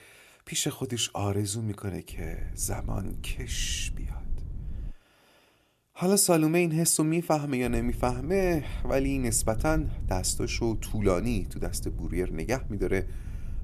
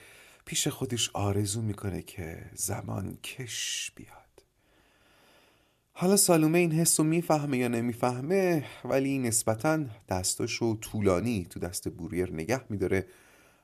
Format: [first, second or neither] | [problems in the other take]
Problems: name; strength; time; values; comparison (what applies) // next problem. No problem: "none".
second | low rumble; faint; from 2 to 5 s and from 7.5 s on; 25 dB below the speech